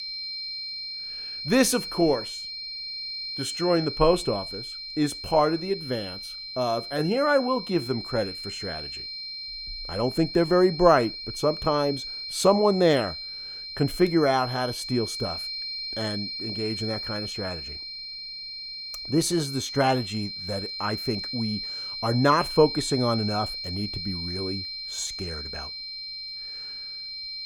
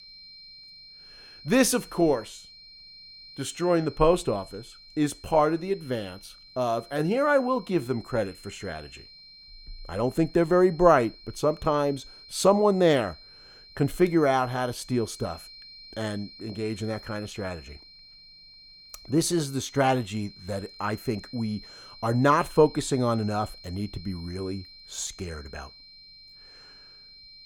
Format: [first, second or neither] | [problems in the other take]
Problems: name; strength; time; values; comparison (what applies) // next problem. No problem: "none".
second | high-pitched whine; loud; throughout; 4 kHz, 7 dB below the speech; faint in the second